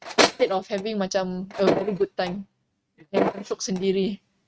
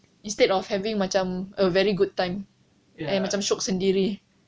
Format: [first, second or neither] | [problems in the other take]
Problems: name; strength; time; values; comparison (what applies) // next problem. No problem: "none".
second | noise reduction (neural mask model RNNoise)